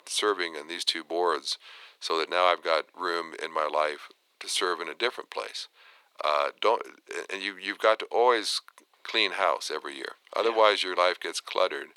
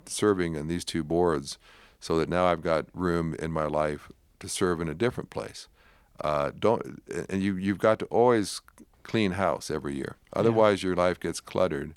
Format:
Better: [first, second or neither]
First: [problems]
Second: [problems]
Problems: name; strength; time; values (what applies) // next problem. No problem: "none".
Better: second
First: thin; very; fading below 400 Hz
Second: none